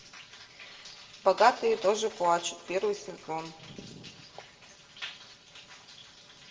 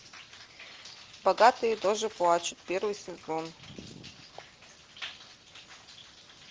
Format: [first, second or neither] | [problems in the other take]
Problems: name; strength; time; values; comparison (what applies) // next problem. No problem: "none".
second | room echo; dies away in 1.5 s